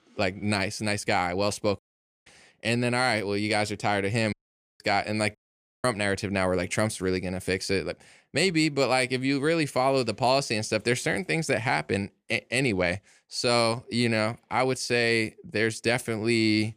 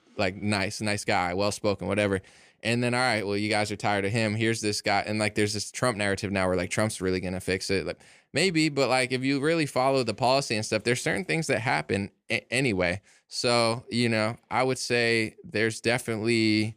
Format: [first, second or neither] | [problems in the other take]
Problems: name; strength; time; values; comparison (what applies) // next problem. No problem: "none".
second | audio cutting out; at 2 s, at 4.5 s and at 5.5 s